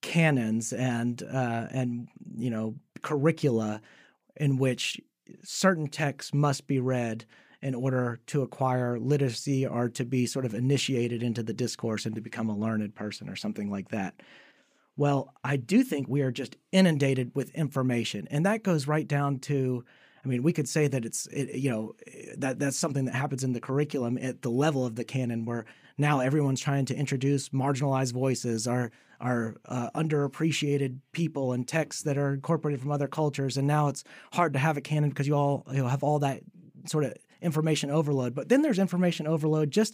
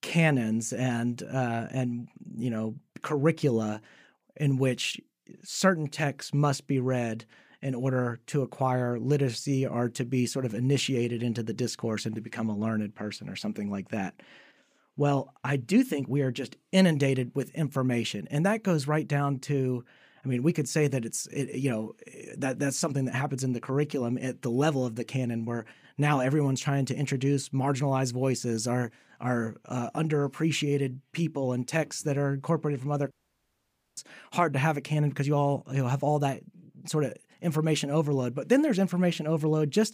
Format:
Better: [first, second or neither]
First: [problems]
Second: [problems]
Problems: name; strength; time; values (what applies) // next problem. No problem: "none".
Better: first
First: none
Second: audio cutting out; at 33 s for 1 s